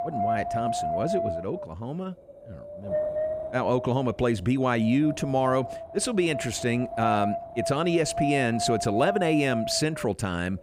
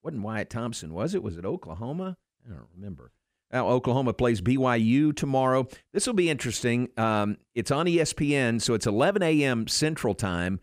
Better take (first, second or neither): second